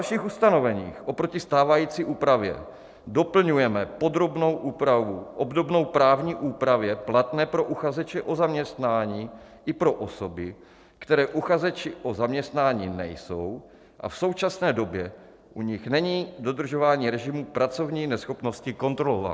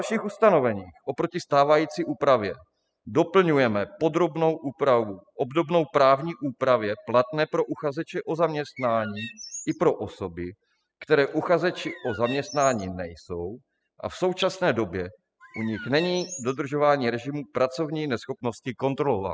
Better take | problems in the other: first | noise reduction (classical method spectral subtraction)

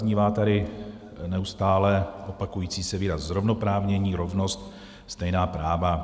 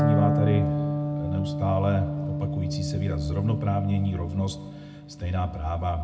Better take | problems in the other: first | background sound (Electric guitar); 1 dB below the speech // room echo; dies away in 0.2 s

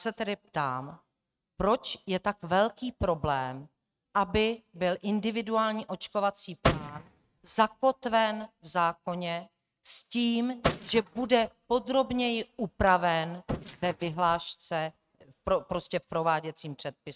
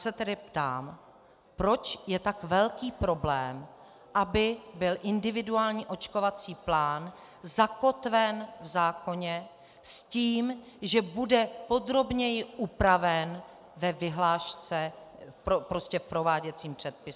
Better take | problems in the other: second | noise reduction (neural mask model RNNoise)

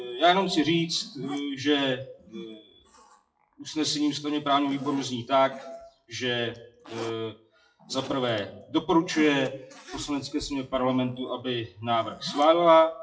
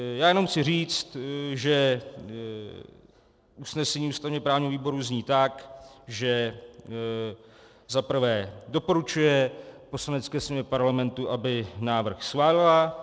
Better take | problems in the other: second | noise reduction (classical method WPE with log-MMSE)

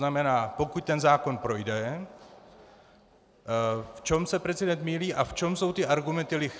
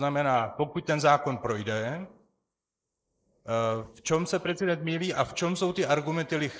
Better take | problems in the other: first | noise reduction (neural mask model Resemble Enhance denoiser)

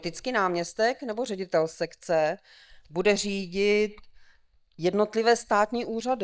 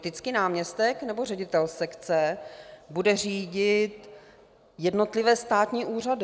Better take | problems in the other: second | noise reduction (neural mask model DeepFilterNet 3)

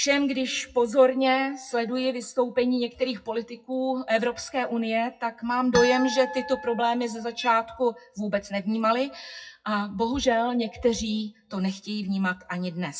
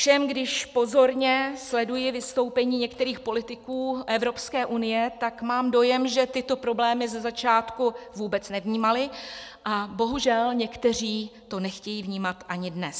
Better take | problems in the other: second | noise reduction (classical method WPE with log-MMSE)

